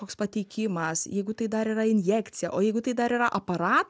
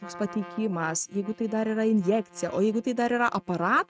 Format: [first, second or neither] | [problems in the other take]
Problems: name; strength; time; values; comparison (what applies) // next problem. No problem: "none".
first | noise reduction (neural mask model RNNoise)